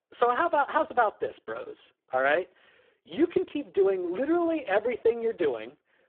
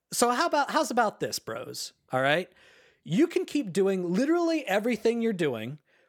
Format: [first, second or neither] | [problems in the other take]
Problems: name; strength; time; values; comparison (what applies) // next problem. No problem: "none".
second | phone-call audio; poor line